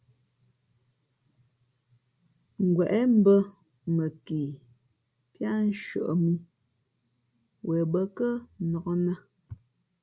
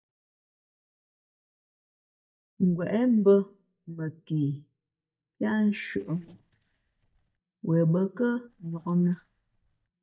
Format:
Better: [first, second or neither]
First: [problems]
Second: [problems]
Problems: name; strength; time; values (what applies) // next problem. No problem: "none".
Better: first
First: none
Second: noise reduction (neural mask model DeepFilterNet 3)